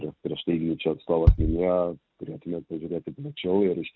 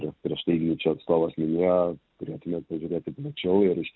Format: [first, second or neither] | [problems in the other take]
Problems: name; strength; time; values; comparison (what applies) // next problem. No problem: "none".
second | noise reduction (neural mask model RNNoise)